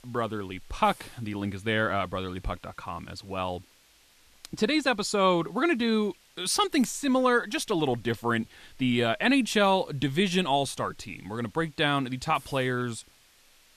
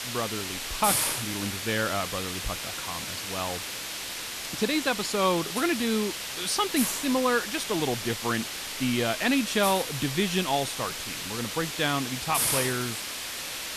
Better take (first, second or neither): first